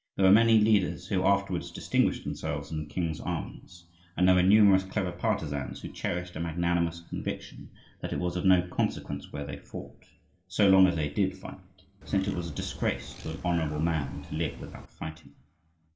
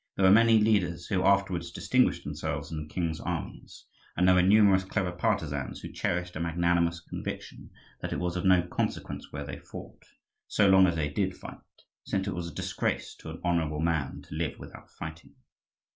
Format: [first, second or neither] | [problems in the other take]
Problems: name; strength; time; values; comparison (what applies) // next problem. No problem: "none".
second | background sound (Bird); 13 dB below the speech // room echo; dies away in 1.1 s